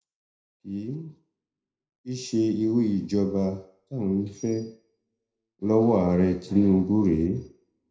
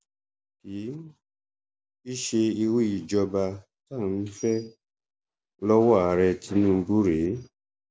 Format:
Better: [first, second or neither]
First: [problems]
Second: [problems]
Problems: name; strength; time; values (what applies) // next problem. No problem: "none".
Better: second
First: room echo; dies away in 0.4 s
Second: none